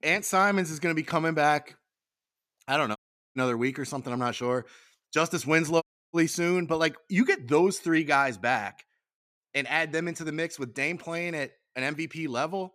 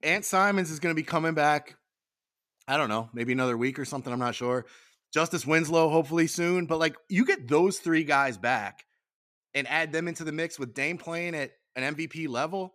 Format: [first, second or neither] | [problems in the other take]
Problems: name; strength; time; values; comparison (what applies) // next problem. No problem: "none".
second | audio cutting out; at 3 s and at 6 s